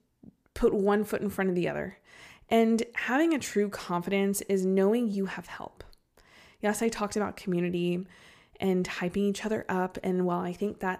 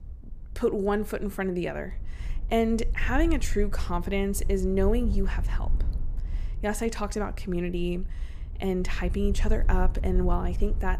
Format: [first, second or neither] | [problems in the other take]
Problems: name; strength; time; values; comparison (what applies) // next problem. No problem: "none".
first | low rumble; faint; throughout; 20 dB below the speech